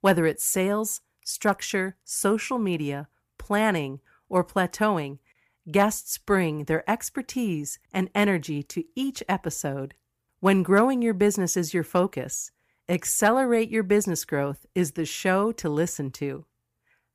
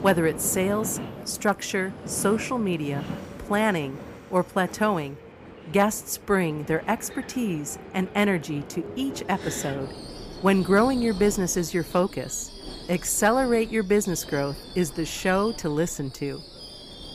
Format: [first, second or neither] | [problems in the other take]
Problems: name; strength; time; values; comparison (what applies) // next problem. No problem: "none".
first | train or aircraft noise; noticeable; throughout; 15 dB below the speech